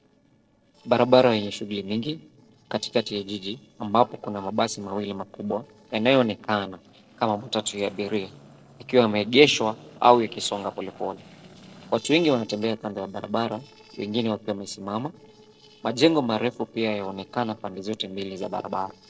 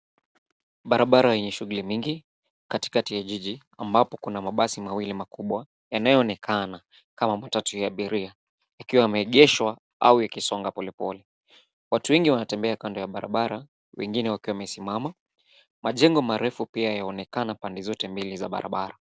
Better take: second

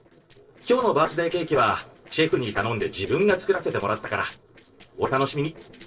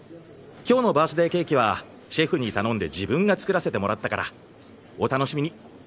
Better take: second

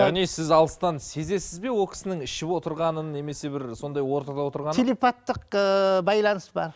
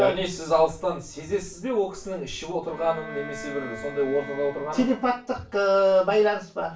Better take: first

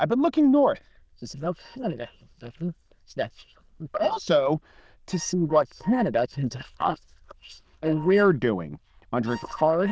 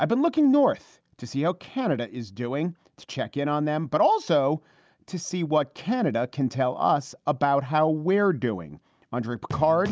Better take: second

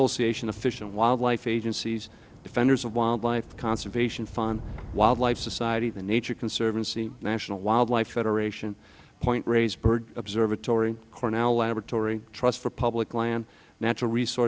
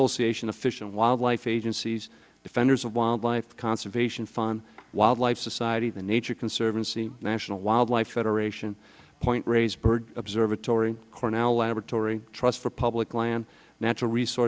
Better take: second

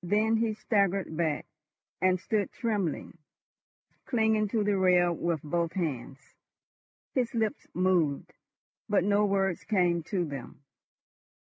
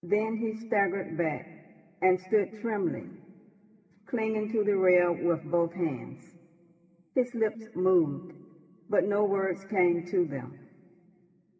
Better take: first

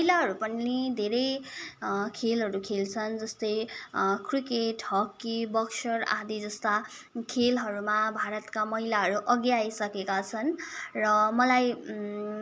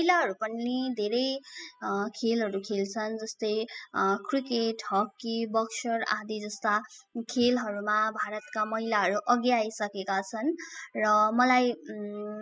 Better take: first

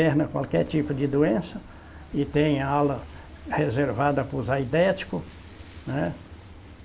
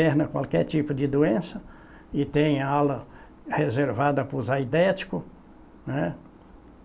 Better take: second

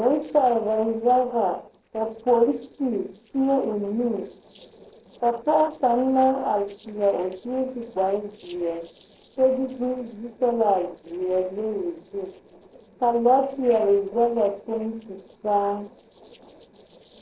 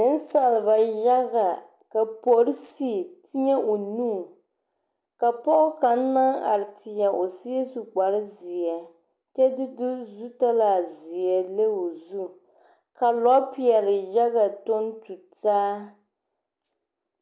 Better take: second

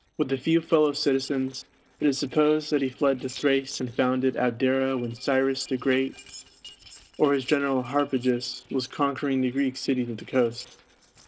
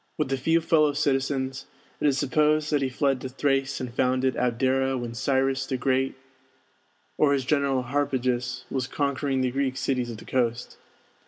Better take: second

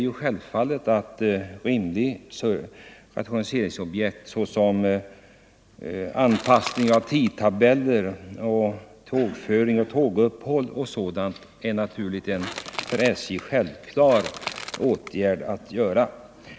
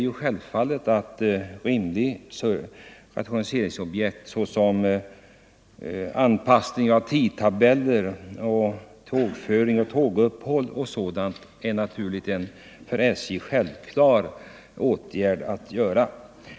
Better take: second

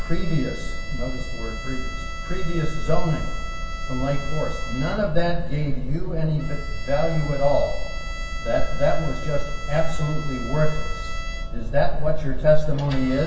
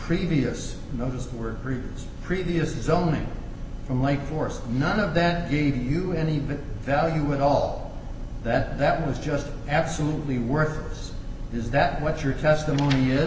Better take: second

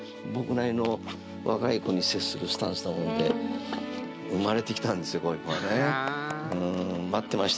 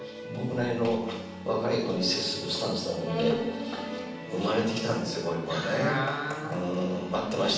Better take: first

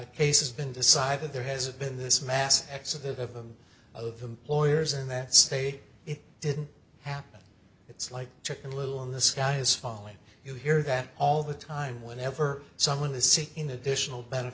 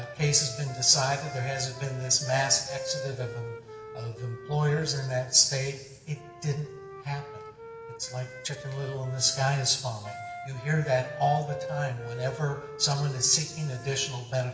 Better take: first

